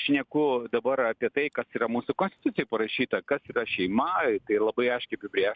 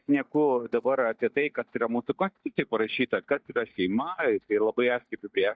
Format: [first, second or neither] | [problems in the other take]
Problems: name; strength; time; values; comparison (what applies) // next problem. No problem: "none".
first | noise reduction (neural mask model DeepFilterNet 3)